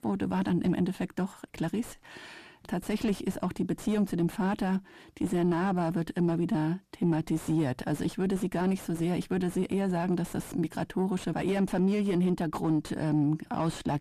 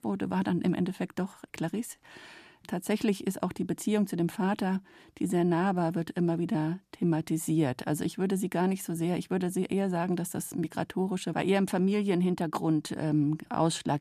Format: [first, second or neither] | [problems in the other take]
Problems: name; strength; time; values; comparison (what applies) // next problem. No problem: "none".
second | distortion; slight; 10 dB below the speech